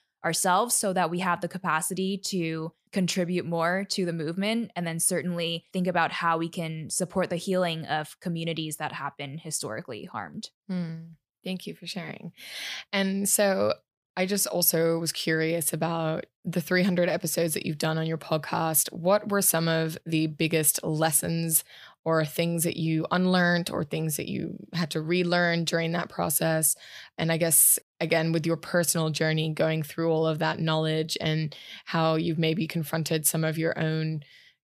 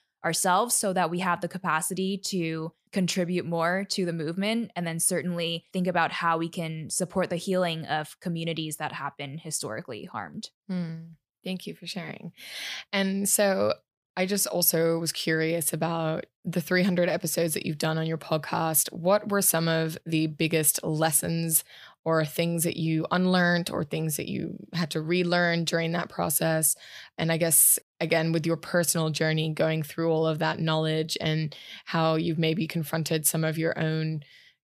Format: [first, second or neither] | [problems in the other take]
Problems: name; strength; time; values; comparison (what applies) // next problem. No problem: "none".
neither | none